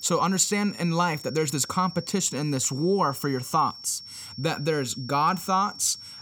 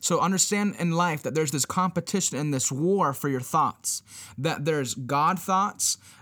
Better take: second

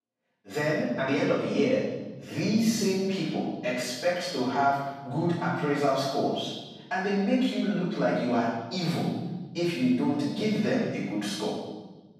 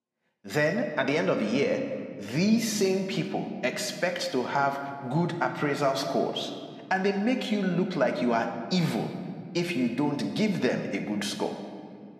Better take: second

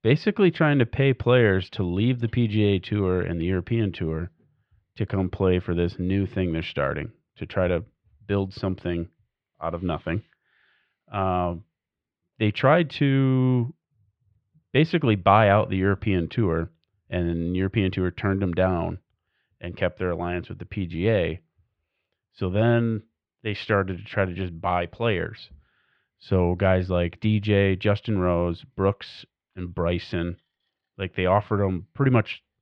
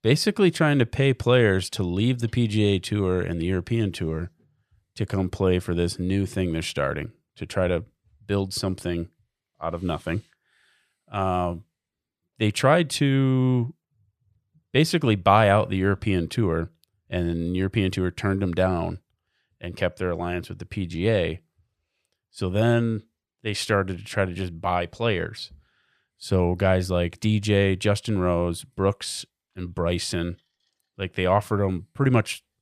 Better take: second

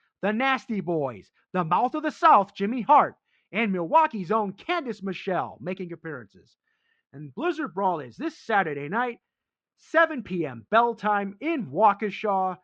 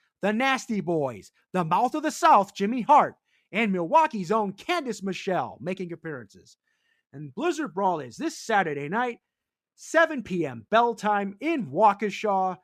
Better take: second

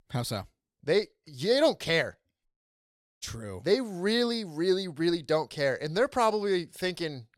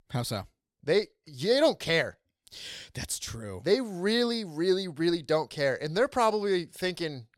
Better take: second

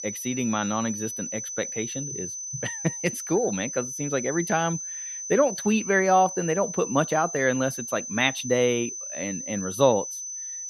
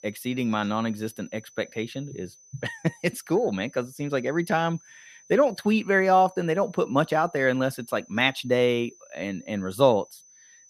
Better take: second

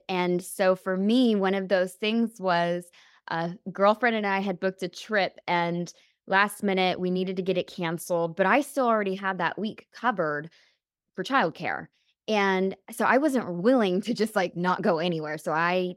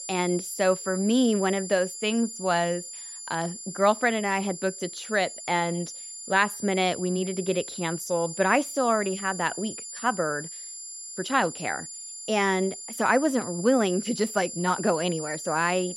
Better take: first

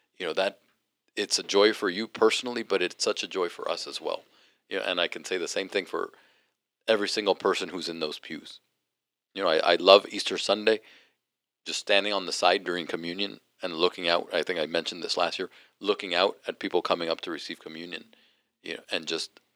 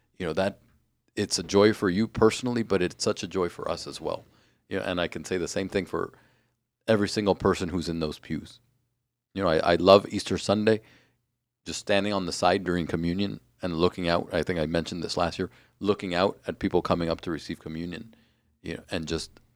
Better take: second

